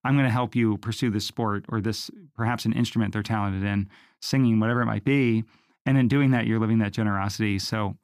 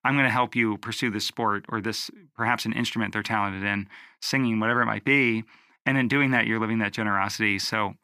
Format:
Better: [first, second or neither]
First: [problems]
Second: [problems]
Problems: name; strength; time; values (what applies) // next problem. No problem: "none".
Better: first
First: none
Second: thin; somewhat; fading below 350 Hz